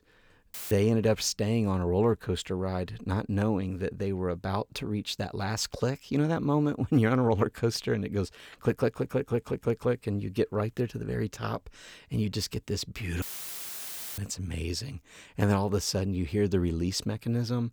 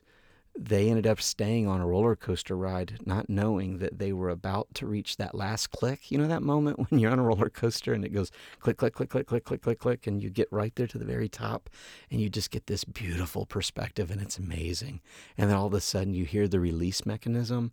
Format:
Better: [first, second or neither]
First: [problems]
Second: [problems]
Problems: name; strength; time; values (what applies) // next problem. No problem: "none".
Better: second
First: audio cutting out; filled with static; at 0.5 s and at 13 s for 1 s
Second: none